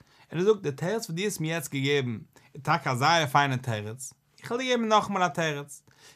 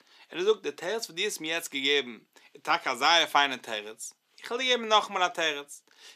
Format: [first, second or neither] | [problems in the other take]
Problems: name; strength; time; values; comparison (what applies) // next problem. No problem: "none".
first | thin; somewhat; fading below 300 Hz